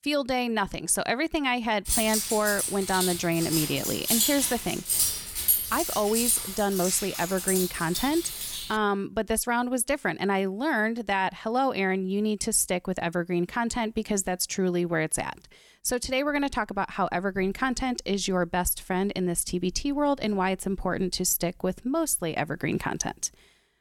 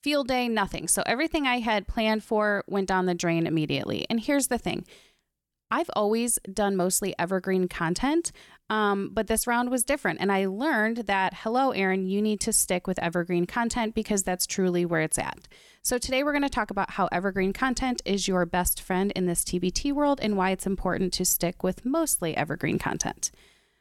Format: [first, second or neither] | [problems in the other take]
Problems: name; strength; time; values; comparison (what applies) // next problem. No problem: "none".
second | jangling keys; loud; from 2 to 8.5 s; peak 5 dB above the speech